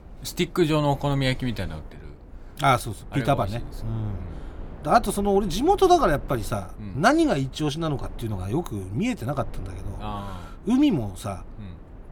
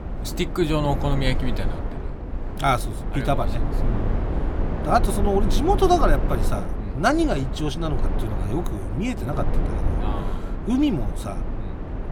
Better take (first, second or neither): first